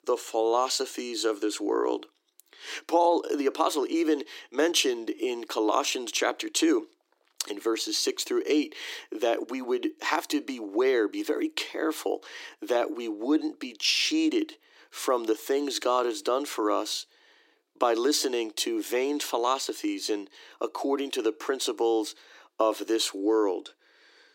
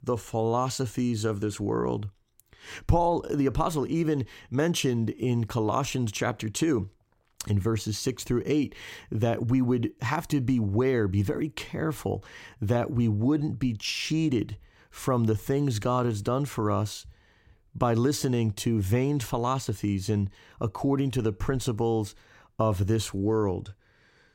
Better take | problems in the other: second | thin; somewhat; fading below 300 Hz

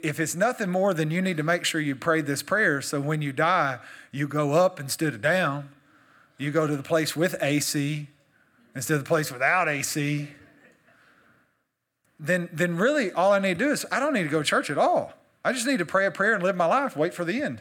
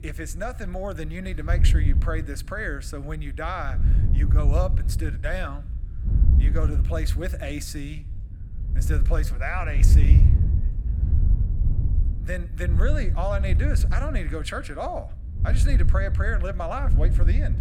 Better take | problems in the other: first | wind noise on the microphone; heavy; 8 dB below the speech

